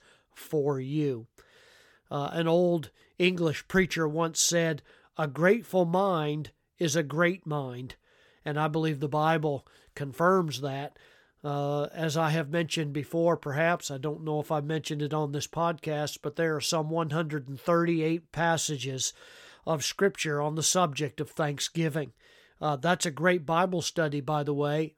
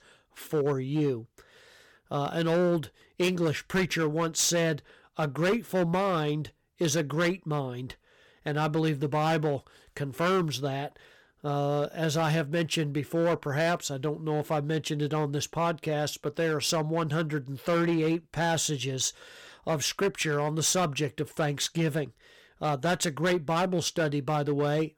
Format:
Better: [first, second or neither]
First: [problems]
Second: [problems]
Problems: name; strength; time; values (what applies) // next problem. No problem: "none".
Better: first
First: none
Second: distortion; slight; 8% of the sound clipped